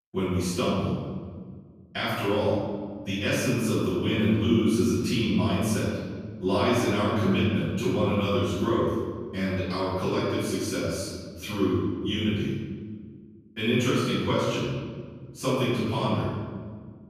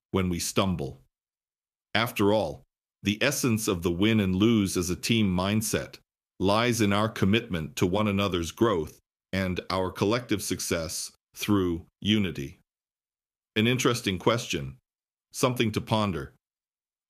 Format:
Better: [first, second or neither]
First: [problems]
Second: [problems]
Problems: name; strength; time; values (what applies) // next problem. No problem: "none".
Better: second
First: off-mic speech; far // room echo; strong; dies away in 1.7 s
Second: none